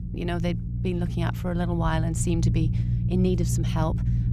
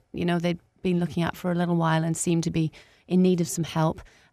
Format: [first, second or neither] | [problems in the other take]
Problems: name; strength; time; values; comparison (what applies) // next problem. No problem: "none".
second | low rumble; loud; throughout; 8 dB below the speech